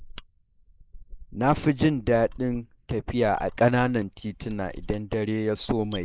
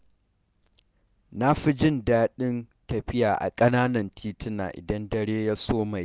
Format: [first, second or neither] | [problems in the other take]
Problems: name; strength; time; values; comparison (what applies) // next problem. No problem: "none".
second | noise reduction (neural mask model Resemble Enhance denoiser)